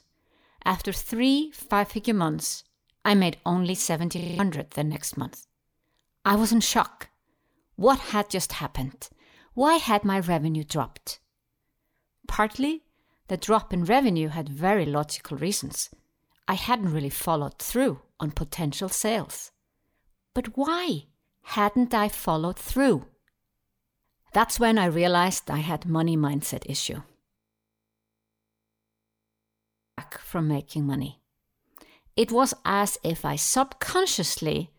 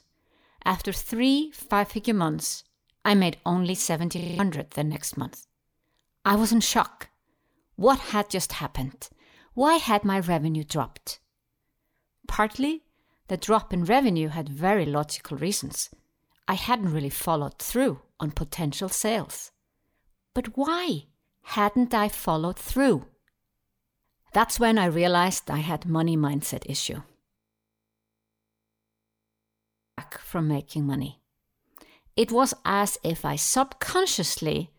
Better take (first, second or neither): neither